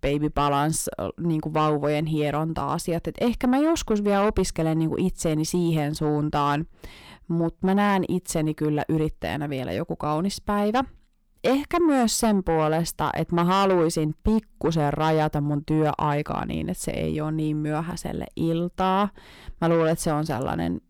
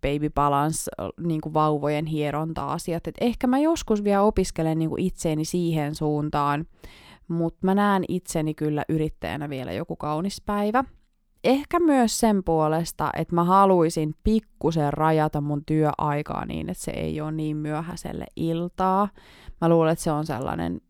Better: second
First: distortion; slight; 10 dB below the speech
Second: none

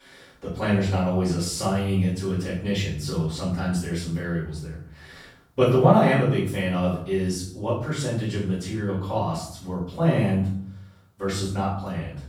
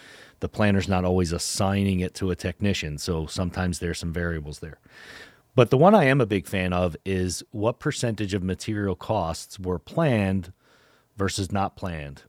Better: second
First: off-mic speech; far // room echo; noticeable; dies away in 0.5 s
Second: none

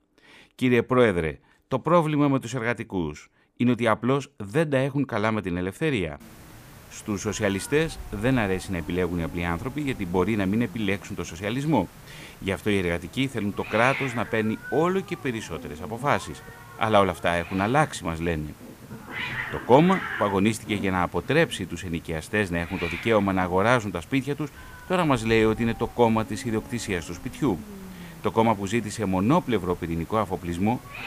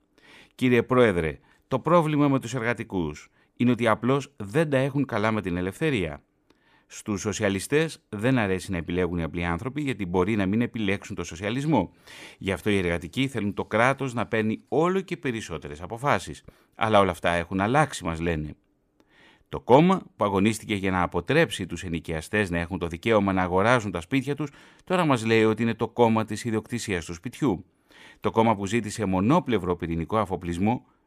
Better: second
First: hiss; noticeable; from 6 s on; 15 dB below the speech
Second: none

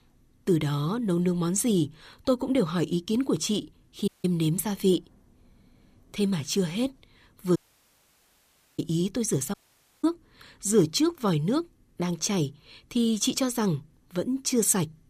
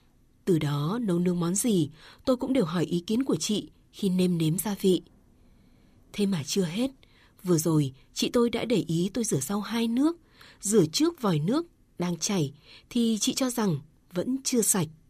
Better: second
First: audio cutting out; at 4 s, at 7.5 s for 1 s and at 9.5 s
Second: none

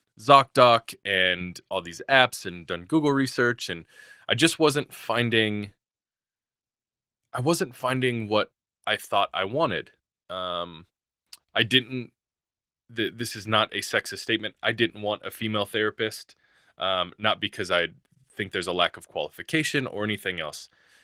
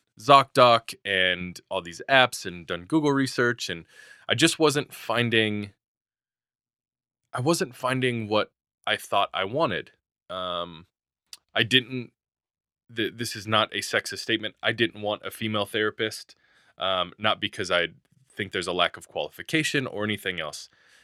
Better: second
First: garbled, watery; slightly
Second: none

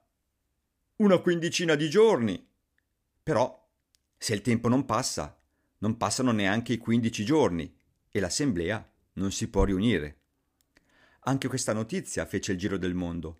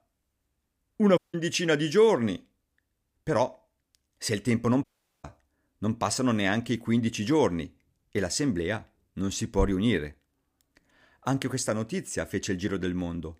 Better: first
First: none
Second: audio cutting out; at 1 s and at 5 s

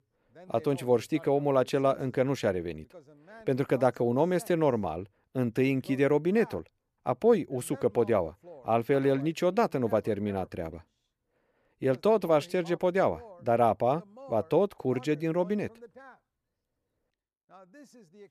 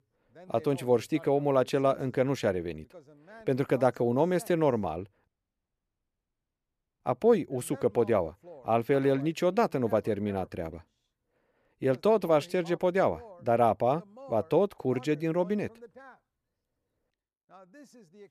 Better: first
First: none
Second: audio cutting out; at 5.5 s for 1.5 s

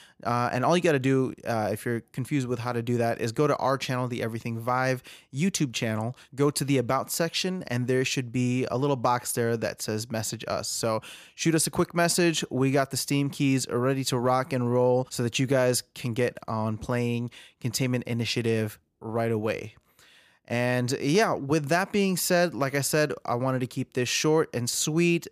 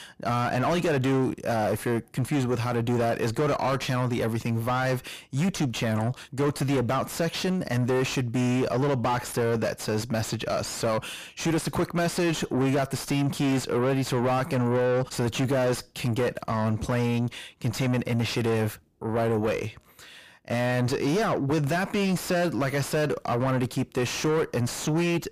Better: first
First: none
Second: distortion; heavy; 6 dB below the speech

